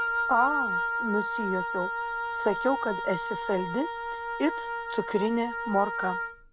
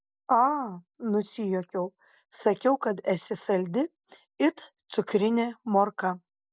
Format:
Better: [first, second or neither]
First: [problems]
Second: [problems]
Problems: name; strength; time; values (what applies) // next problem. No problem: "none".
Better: second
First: background sound (Wind instrument, woodwind instrument); 1 dB below the speech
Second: none